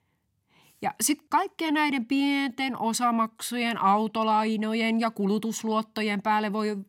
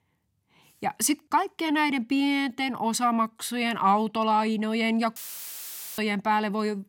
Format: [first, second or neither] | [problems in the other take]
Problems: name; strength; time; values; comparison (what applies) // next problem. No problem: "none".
first | audio cutting out; filled with static; at 5 s for 1 s